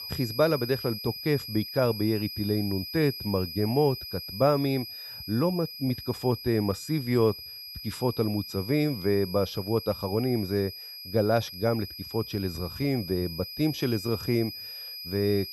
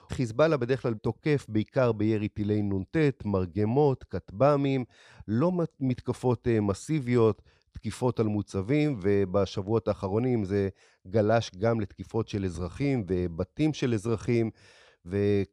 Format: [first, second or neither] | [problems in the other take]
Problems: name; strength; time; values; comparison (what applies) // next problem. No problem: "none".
second | high-pitched whine; loud; throughout; 5 kHz, 9 dB below the speech